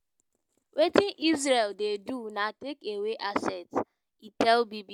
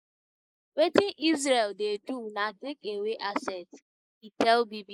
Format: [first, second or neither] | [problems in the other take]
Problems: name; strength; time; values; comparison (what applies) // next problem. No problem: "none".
first | noise reduction (neural mask model Resemble Enhance denoiser)